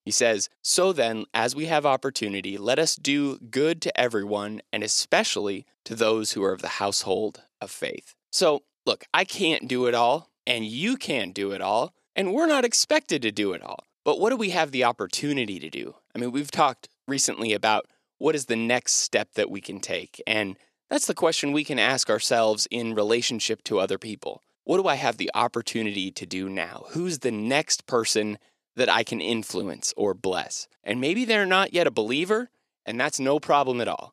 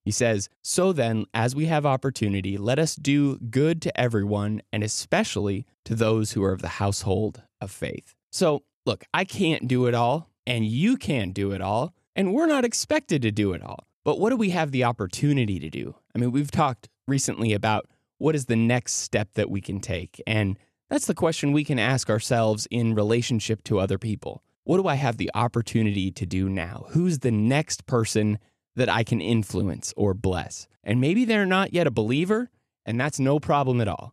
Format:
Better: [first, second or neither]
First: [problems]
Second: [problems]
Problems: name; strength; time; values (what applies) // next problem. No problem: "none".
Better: second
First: thin; somewhat; fading below 350 Hz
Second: none